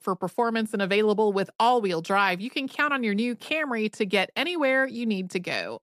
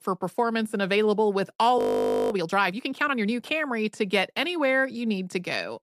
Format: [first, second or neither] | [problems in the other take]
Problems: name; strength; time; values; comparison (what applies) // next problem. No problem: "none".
first | audio freezing; at 2 s for 0.5 s